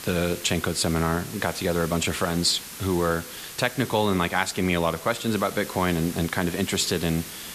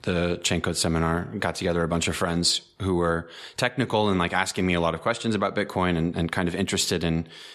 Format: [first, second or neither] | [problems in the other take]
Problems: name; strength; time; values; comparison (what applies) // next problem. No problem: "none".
second | hiss; noticeable; throughout; 10 dB below the speech